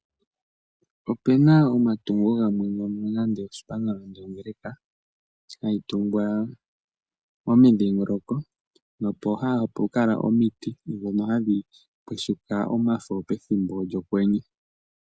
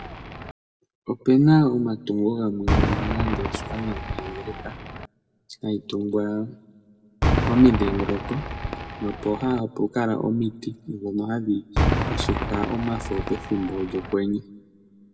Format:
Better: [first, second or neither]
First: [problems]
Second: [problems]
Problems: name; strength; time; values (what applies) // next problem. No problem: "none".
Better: first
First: none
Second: background sound (Cheering / Fireworks); 4 dB below the speech // room echo; dies away in 0.7 s